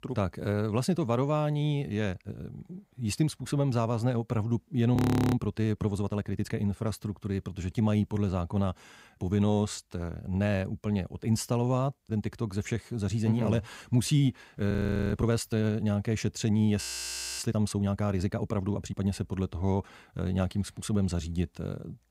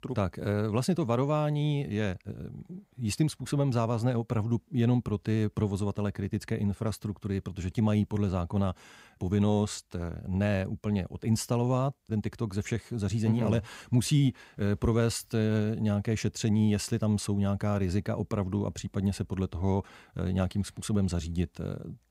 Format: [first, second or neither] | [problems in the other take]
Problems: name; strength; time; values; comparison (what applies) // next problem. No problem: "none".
second | audio freezing; at 5 s, at 15 s and at 17 s for 0.5 s